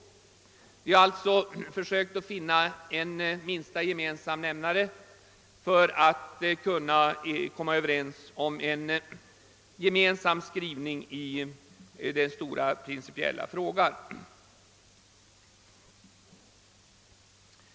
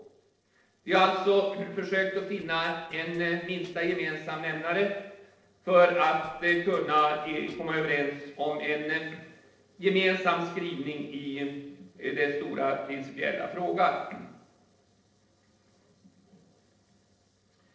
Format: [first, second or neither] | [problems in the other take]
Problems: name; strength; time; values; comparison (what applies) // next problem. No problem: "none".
first | noise reduction (neural separator model SepFormer DNS4)